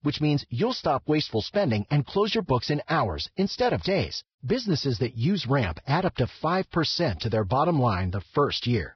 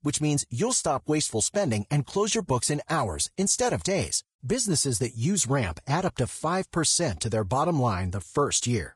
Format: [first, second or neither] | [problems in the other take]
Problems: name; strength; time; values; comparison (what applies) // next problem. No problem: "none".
second | garbled, watery; badly; nothing above 5.5 kHz; slightly in the second